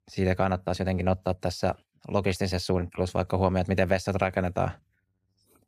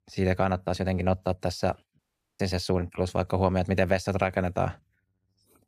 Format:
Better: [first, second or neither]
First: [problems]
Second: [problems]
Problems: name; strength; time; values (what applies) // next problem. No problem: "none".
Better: first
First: none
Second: audio cutting out; at 2 s